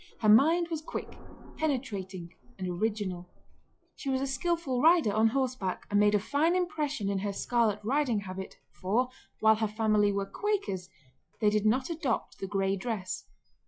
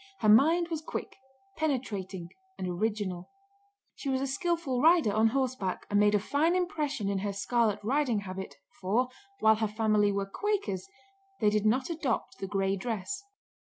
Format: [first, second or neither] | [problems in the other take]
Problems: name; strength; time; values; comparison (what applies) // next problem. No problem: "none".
second | noise reduction (classical method log-MMSE)